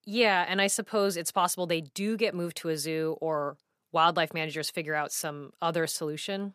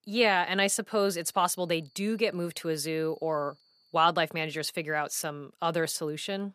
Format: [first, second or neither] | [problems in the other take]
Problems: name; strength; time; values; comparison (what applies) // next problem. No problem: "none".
first | high-pitched whine; faint; from 1 to 4 s; 4.5 kHz, 35 dB below the speech